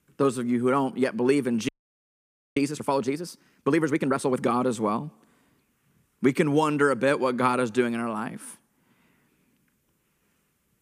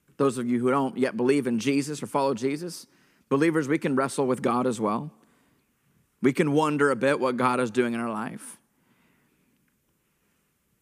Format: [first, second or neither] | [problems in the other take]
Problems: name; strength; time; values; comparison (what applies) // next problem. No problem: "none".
second | audio freezing; at 1.5 s for 1 s